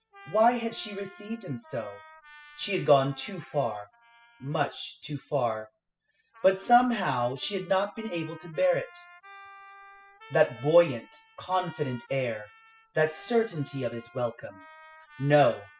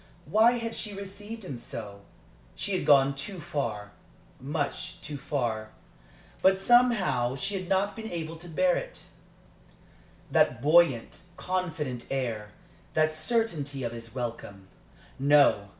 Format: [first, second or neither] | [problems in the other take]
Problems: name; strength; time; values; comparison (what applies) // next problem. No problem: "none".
second | noise reduction (classical method spectral subtraction)